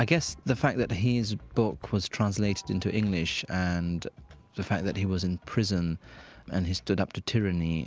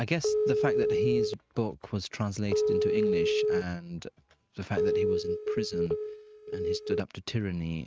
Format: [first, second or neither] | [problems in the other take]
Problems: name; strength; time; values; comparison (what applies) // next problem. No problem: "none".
first | noise reduction (neural mask model RNNoise)